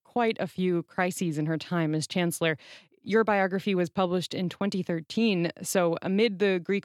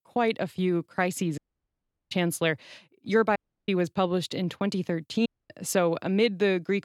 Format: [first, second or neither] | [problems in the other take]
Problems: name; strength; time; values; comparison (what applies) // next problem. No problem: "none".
first | audio cutting out; at 1.5 s for 0.5 s, at 3.5 s and at 5.5 s